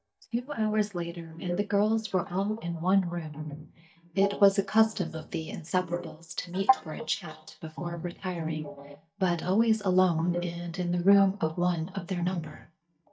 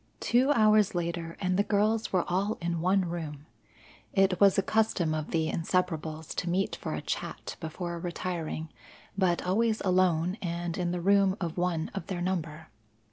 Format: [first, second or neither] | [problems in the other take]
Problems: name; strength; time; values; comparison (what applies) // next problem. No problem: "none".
second | noise reduction (neural mask model DeepFilterNet 3)